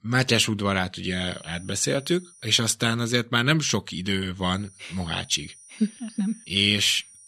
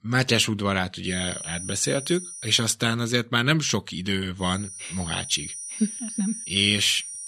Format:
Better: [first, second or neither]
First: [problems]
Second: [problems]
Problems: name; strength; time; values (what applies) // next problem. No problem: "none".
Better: first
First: high-pitched whine; faint; from 1 to 2.5 s and from 4.5 s on; 9.5 kHz, 25 dB below the speech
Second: high-pitched whine; loud; from 1 to 2.5 s and from 4.5 s on; 9.5 kHz, 10 dB below the speech